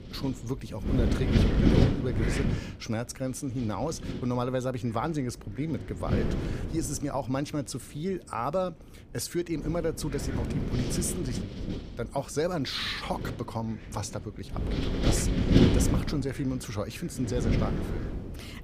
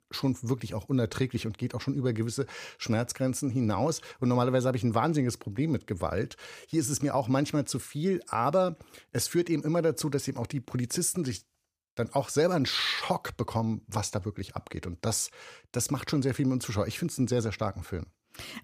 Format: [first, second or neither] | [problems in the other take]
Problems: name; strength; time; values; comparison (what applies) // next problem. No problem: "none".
second | wind noise on the microphone; heavy; 1 dB below the speech